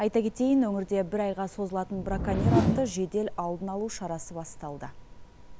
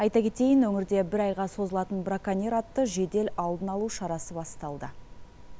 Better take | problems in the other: second | background sound (Whoosh, swoosh, swish); as loud as the speech

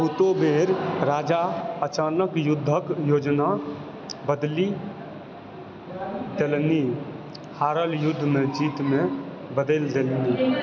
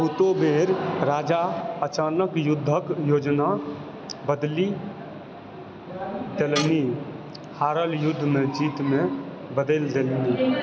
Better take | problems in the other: first | background sound (Tools); 15 dB below the speech

